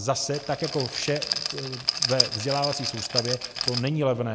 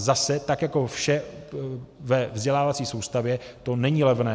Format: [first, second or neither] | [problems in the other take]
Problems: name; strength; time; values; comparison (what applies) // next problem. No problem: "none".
second | background sound (Rattle); 2 dB below the speech